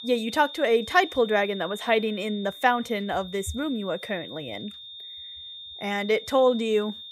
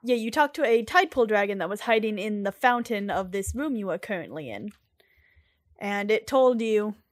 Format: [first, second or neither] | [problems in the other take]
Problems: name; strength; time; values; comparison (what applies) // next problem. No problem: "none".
second | high-pitched whine; noticeable; throughout; 3.5 kHz, 15 dB below the speech